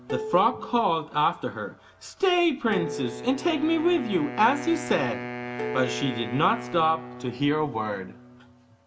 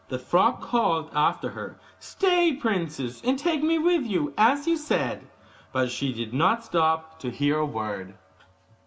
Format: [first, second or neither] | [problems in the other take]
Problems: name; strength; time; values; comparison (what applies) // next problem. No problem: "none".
second | background sound (Plucked string instrument + Wind instrument, woodwind instrument); 10 dB below the speech